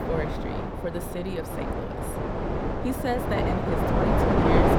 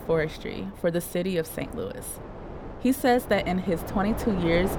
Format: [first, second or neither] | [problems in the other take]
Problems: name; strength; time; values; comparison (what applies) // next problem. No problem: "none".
second | wind noise on the microphone; heavy; 5 dB above the speech; occasional gusts in the second